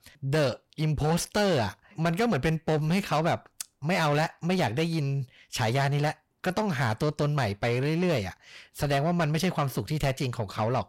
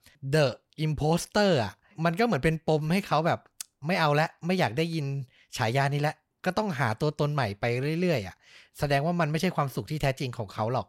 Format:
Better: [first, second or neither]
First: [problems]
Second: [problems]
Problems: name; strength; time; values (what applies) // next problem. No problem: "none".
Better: second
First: distortion; slight; 10 dB below the speech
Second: none